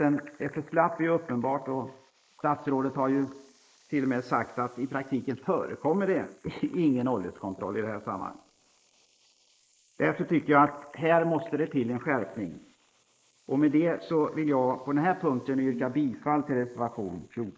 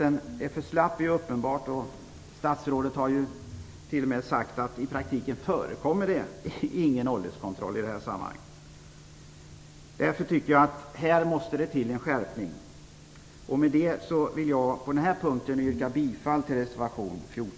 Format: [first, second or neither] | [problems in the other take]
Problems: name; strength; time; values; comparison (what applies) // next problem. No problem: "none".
second | noise reduction (neural mask model Resemble Enhance denoiser)